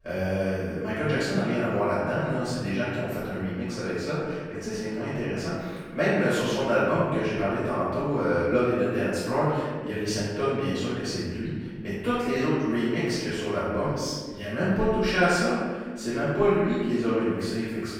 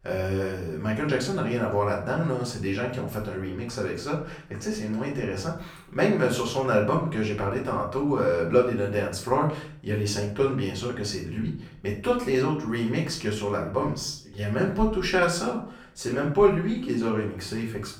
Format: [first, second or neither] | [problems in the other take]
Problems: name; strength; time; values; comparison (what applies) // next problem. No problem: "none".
second | room echo; strong; dies away in 1.5 s; slight in the second // off-mic speech; far; far in the second